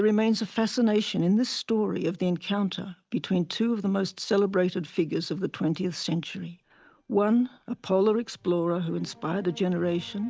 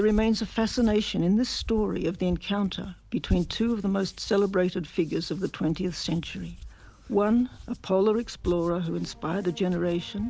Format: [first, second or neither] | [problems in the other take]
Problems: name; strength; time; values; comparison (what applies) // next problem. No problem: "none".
first | background sound (Hands); 14 dB below the speech